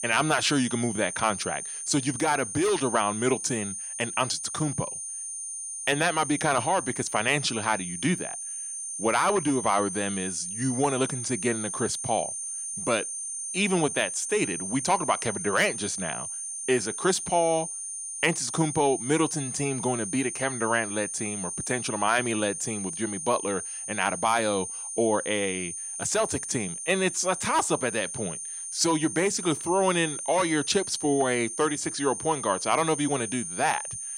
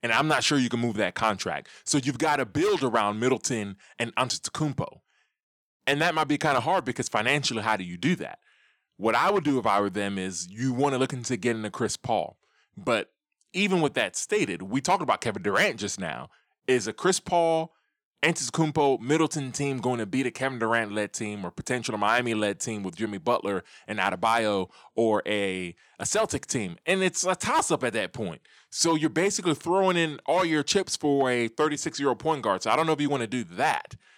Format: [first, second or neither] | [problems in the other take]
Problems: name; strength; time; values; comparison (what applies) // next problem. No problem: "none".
second | high-pitched whine; loud; throughout; 9 kHz, 5 dB below the speech